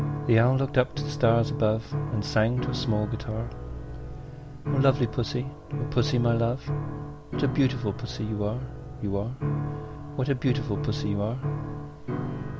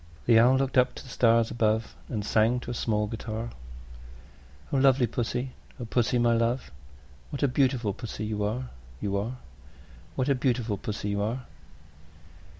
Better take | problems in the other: second | background sound (Piano); 5 dB below the speech

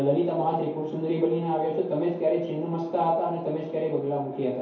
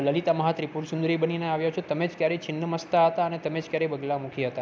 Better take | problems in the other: second | room echo; dies away in 2.4 s

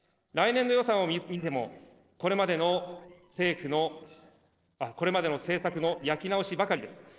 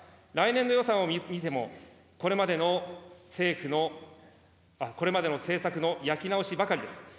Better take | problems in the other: second | noise reduction (neural separator model SepFormer DNS4)

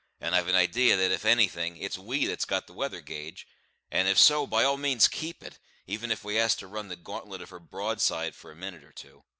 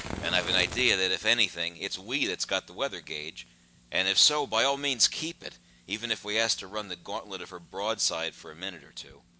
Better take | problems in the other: first | background sound (Fire); 17 dB below the speech

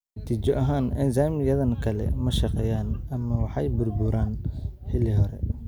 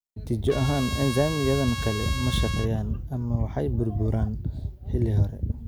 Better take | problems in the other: first | background sound (Trumpet); 10 dB below the speech

